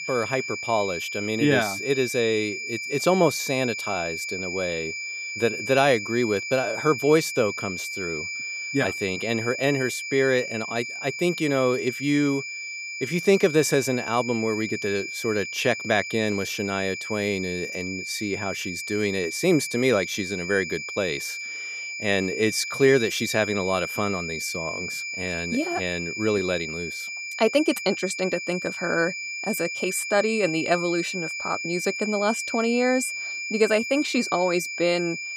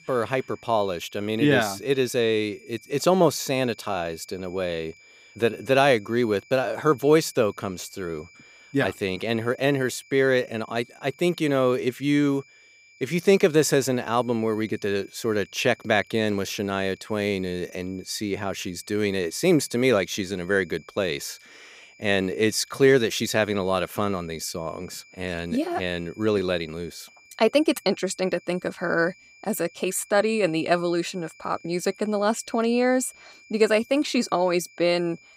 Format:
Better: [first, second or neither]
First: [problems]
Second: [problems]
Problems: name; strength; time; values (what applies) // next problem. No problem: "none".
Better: second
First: high-pitched whine; loud; throughout; 2.5 kHz, 5 dB below the speech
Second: high-pitched whine; faint; throughout; 2.5 kHz, 25 dB below the speech